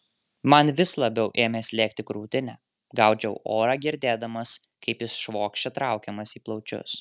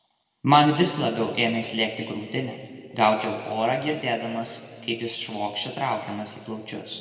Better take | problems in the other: first | room echo; dies away in 2.1 s

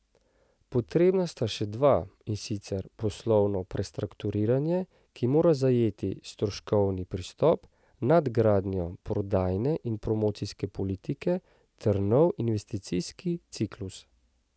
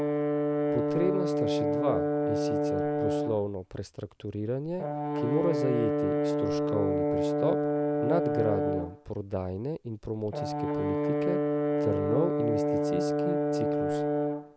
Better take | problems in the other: first | background sound (Brass instrument); 5 dB above the speech

